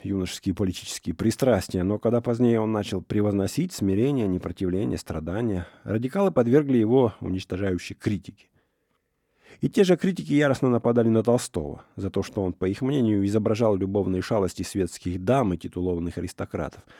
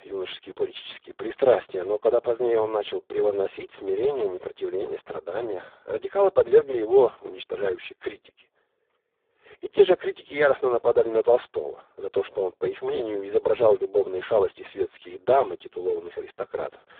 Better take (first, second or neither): first